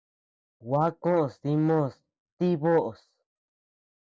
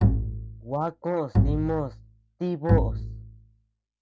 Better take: first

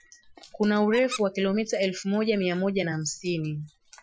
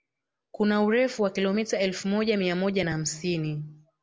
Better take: second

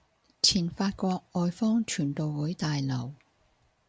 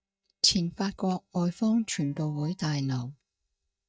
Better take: first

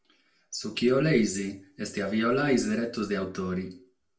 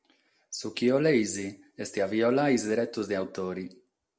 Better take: second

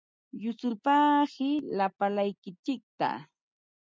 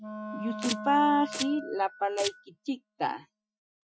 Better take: first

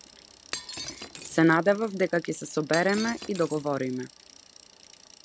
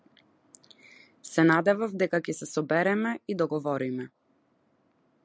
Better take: second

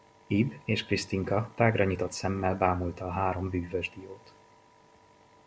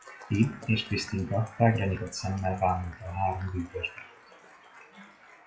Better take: first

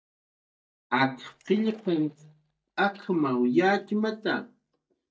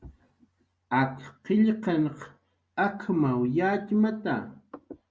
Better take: second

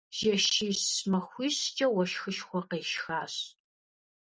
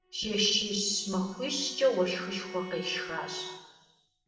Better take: first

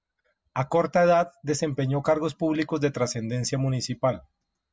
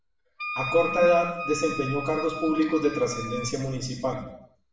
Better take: first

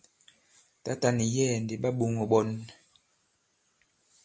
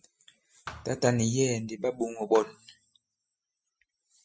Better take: first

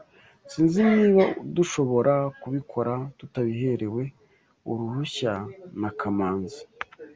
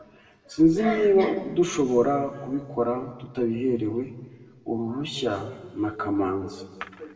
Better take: first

